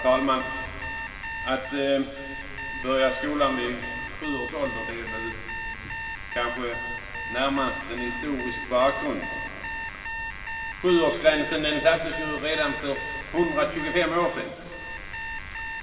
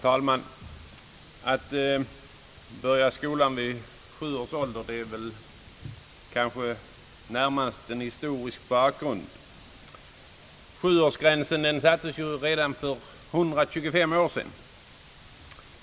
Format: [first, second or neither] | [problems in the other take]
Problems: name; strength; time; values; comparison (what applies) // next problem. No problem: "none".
second | background sound (Alarm); 7 dB below the speech // room echo; dies away in 2.2 s